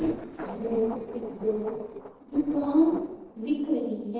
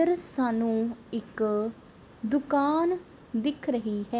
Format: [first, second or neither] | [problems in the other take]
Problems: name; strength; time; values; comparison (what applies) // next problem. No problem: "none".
second | noise reduction (neural separator model SepFormer DNS4)